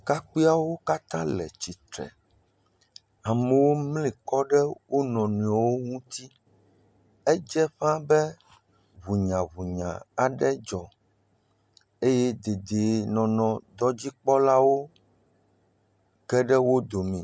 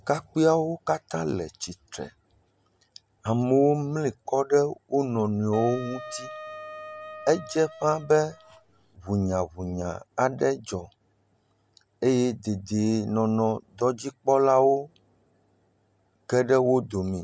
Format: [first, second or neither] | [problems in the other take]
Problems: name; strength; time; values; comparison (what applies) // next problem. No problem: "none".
first | background sound (Wind instrument, woodwind instrument); 15 dB below the speech